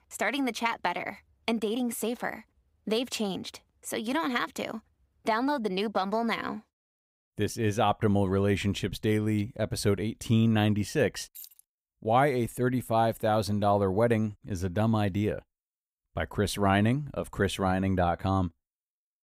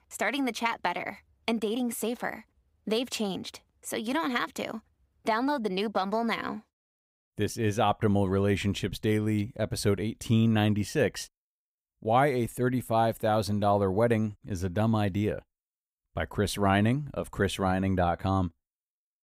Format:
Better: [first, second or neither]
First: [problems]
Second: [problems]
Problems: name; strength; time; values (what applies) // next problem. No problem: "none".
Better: second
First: jangling keys; faint; at 11 s; peak 15 dB below the speech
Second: none